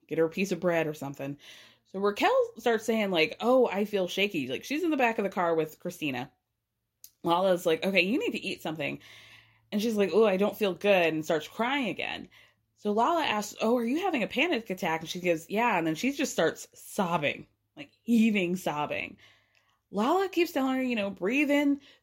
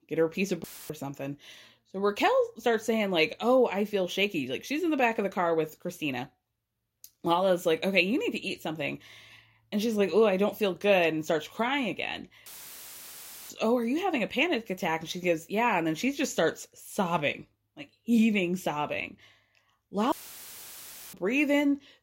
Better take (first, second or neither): first